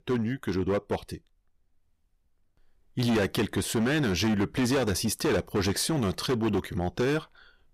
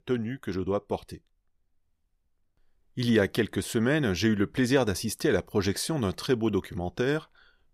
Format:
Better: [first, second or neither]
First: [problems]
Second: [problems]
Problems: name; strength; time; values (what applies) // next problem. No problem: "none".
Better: second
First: distortion; heavy; 13% of the sound clipped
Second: none